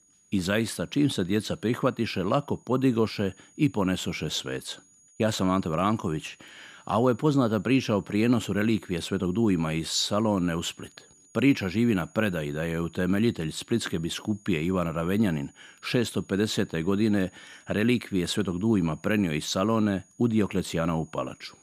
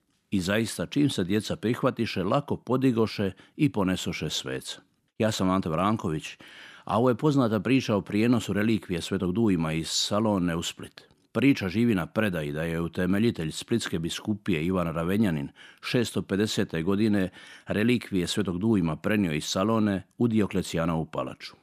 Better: second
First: high-pitched whine; faint; throughout; 7 kHz, 30 dB below the speech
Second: none

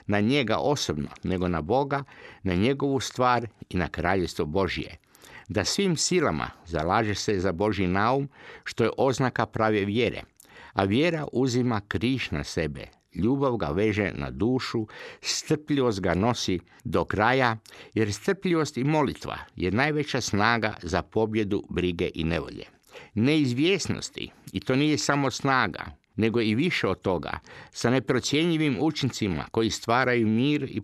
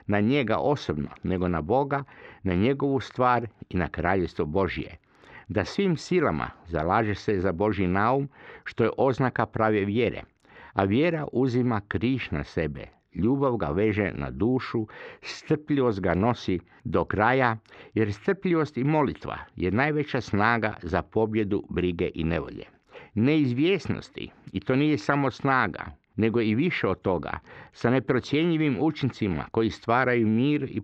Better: first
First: none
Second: muffled; slightly; fading above 2.5 kHz

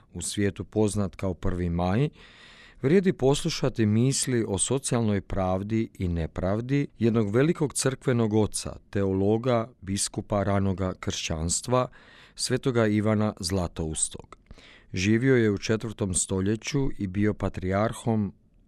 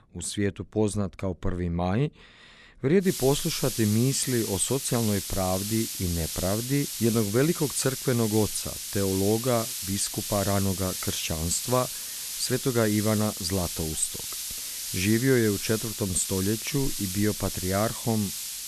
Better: first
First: none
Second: hiss; loud; from 3 s on; 4 dB below the speech

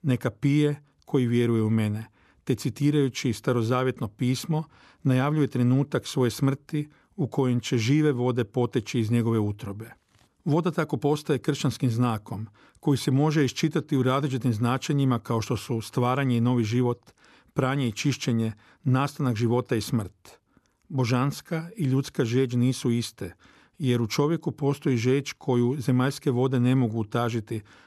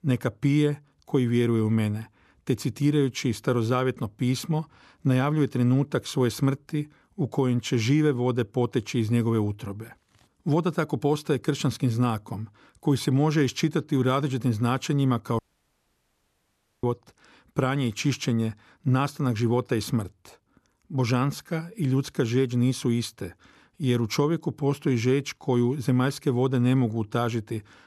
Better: first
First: none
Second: audio cutting out; at 15 s for 1.5 s

